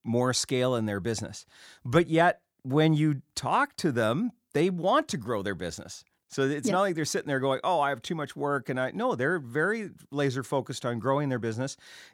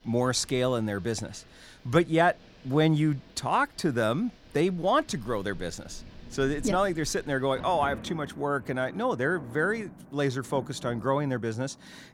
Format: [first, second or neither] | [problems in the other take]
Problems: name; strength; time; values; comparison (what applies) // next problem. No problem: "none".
first | rain or running water; faint; throughout; 20 dB below the speech